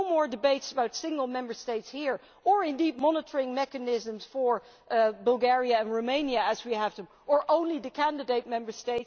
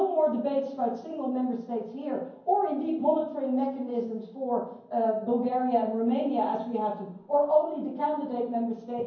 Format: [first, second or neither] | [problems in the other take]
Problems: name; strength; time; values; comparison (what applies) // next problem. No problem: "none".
first | room echo; dies away in 0.9 s